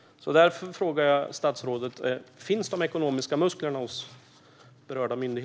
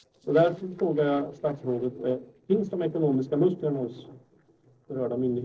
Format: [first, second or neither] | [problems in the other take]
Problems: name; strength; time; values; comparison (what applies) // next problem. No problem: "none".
first | noise reduction (neural separator model SepFormer DNS4)